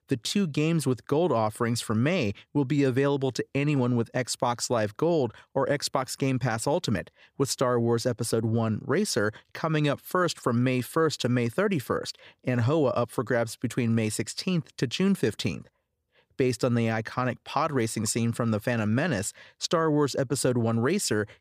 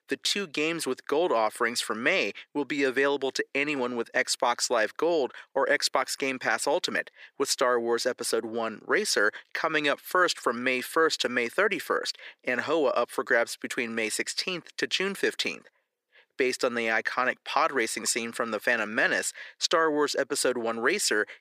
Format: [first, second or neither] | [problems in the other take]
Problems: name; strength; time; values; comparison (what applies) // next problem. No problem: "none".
first | thin; somewhat; fading below 350 Hz